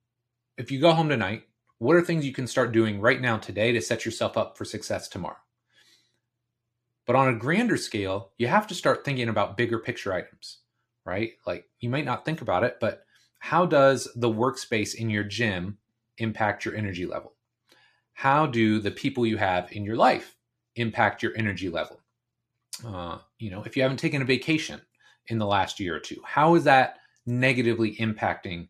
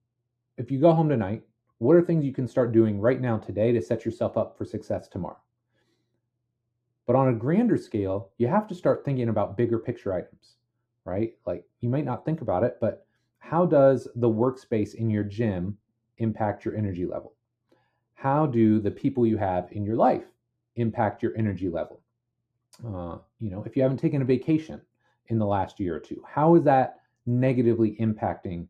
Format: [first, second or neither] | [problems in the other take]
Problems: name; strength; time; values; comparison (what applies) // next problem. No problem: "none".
first | muffled; very; fading above 1 kHz